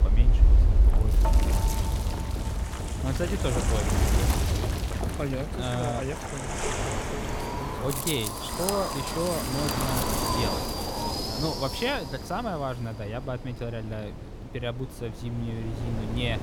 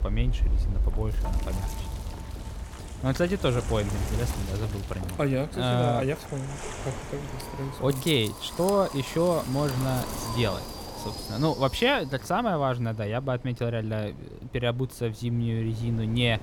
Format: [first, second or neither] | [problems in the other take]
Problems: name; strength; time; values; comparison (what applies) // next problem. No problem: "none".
second | wind noise on the microphone; heavy; 2 dB above the speech; occasional gusts in the second